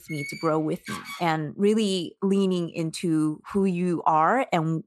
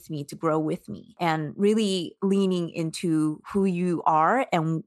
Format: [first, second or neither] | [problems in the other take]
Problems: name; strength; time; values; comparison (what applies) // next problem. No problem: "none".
second | door banging; faint; until 1.5 s; peak 10 dB below the speech